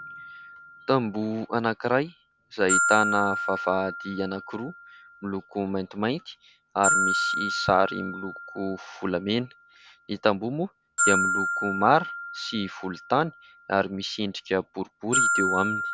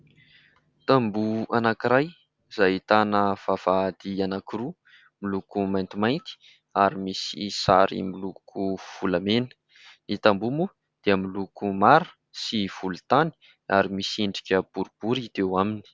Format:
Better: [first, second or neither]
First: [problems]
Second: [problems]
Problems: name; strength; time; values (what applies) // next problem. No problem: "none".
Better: second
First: background sound (Glockenspiel); 2 dB below the speech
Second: none